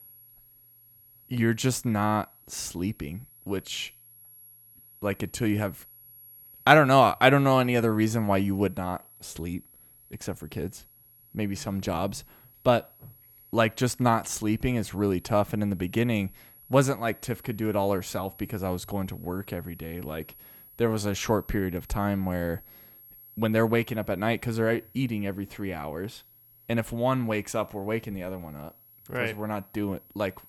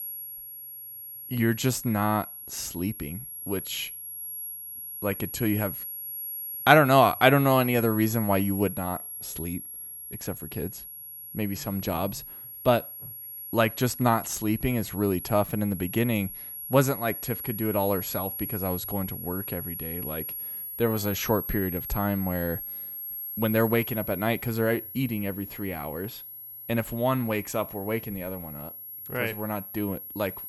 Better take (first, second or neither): first